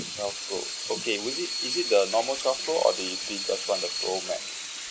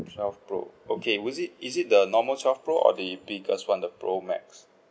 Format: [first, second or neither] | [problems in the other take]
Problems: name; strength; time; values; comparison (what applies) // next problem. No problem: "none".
second | background sound (Sink (filling or washing) / Water tap, faucet); 4 dB below the speech